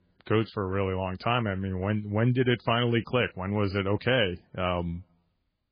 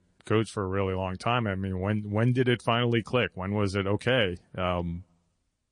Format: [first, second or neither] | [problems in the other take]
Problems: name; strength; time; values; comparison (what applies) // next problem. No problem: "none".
second | garbled, watery; badly; slightly in the second